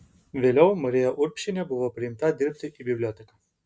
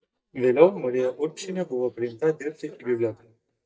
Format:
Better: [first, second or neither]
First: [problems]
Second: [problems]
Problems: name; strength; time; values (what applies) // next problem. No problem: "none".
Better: first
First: none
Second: noise reduction (neural mask model DeepFilterNet 3)